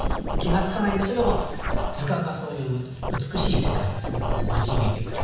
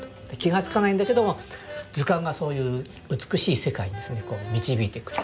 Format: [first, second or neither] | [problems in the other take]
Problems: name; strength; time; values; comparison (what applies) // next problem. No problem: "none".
second | background sound (Scratching (performance technique)); as loud as the speech // room echo; dies away in 1.1 s